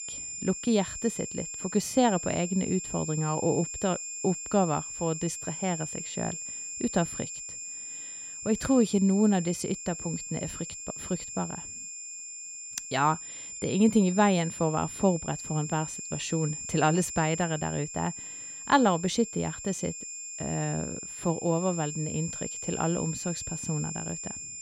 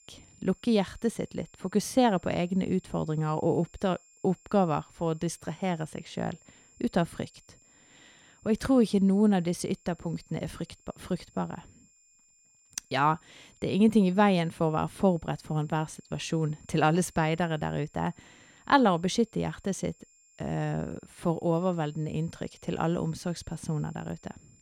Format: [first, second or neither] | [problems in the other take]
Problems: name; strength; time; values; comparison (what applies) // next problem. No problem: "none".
second | high-pitched whine; loud; throughout; 7.5 kHz, 7 dB below the speech; faint in the second